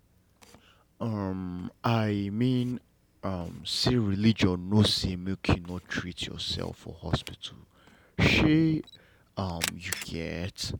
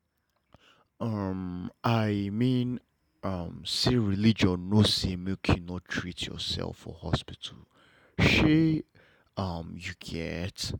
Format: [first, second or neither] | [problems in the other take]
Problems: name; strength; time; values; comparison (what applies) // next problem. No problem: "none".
second | background sound (Camera); 18 dB below the speech